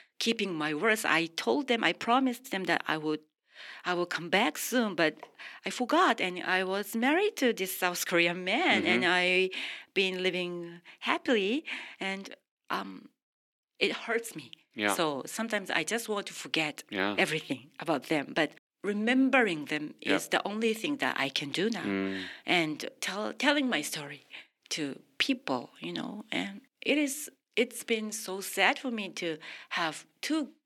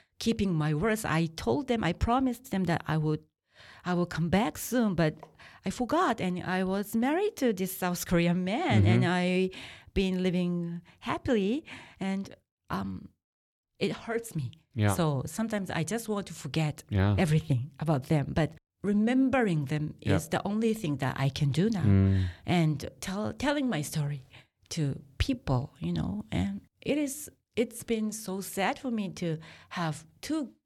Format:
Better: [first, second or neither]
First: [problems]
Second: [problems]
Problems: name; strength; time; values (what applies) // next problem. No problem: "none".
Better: second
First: thin; somewhat; fading below 250 Hz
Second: none